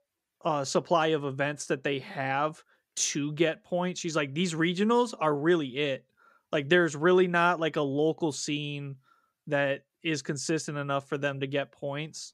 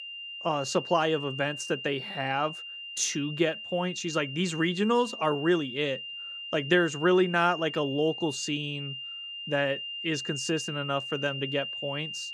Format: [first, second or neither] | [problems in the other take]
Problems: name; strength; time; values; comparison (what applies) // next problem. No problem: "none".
first | high-pitched whine; loud; throughout; 3 kHz, 8 dB below the speech